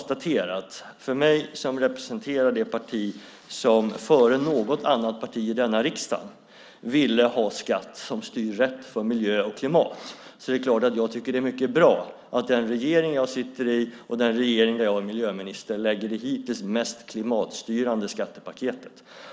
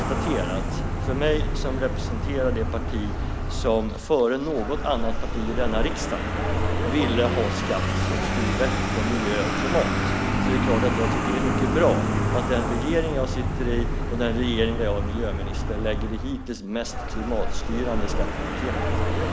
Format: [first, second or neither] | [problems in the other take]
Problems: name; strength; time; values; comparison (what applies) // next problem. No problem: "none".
first | background sound (Vehicle); 3 dB above the speech